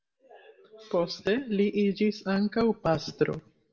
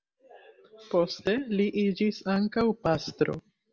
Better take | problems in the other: second | room echo; dies away in 0.2 s

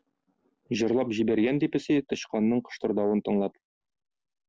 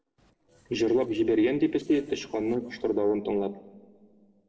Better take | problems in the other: first | noise reduction (neural separator model SepFormer DNS4)

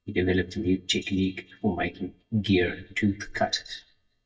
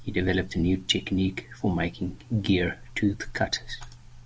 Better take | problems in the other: second | noise reduction (neural mask model DeepFilterNet 3)

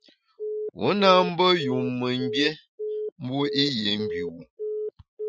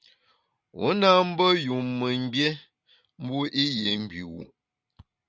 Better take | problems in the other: second | noise reduction (classical method Wiener filter)

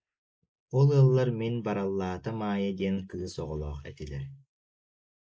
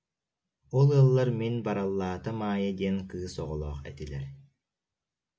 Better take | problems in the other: second | noise reduction (neural mask model Resemble Enhance denoiser)

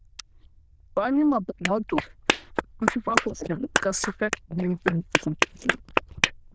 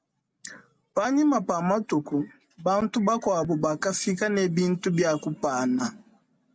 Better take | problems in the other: second | noise reduction (neural diffusion model UNIVERSE++)

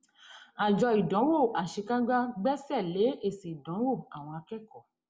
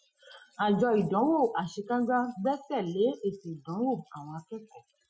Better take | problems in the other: first | noise reduction (classical method Wiener filter)

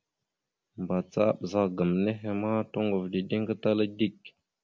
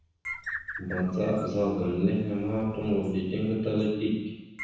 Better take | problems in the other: first | background sound (Bird); 14 dB below the speech // room echo; dies away in 1.1 s

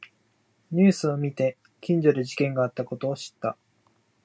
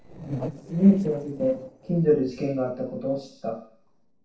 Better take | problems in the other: first | noise reduction (neural separator model SepFormer DNS4)

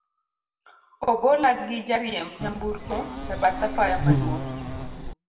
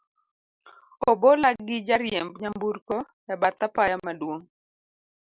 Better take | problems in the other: second | background sound (Insect); 1 dB below the speech // room echo; dies away in 1.2 s

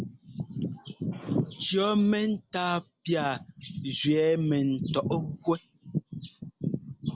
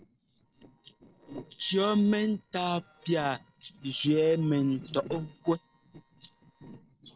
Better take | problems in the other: first | noise reduction (neural separator model SepFormer DNS4)

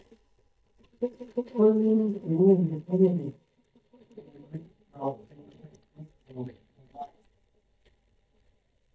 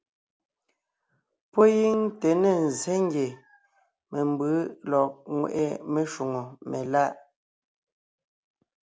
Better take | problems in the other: second | noise reduction (neural mask model DeepFilterNet 3)

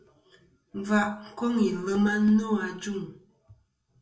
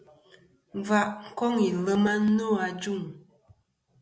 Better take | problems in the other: second | room echo; dies away in 0.2 s

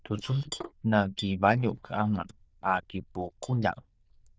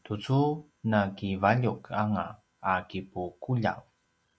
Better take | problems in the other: second | noise reduction (neural diffusion model UNIVERSE++)

